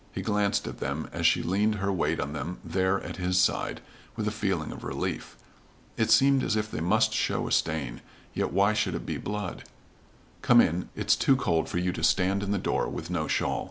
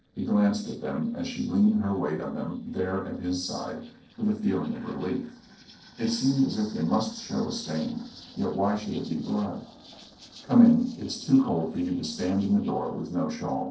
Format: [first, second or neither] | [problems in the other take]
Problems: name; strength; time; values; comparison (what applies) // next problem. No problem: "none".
first | noise reduction (neural separator model SepFormer DNS4)